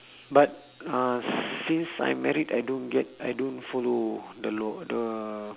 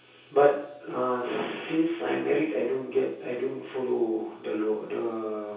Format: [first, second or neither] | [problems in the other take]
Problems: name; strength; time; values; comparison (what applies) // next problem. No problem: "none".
first | room echo; dies away in 0.6 s